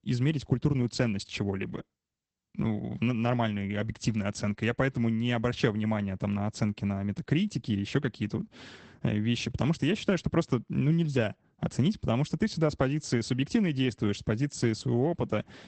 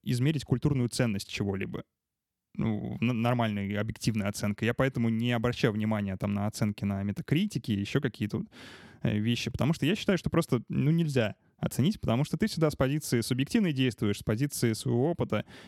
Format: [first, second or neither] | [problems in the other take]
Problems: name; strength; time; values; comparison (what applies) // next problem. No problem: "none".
second | garbled, watery; badly; nothing above 8 kHz